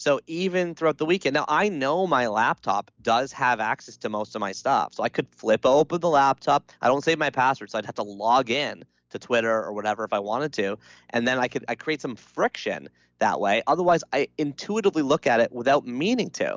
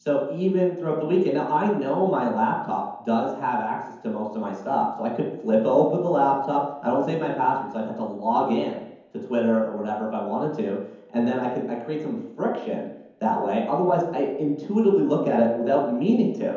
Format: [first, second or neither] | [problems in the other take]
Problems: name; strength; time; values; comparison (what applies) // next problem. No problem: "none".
first | room echo; dies away in 0.9 s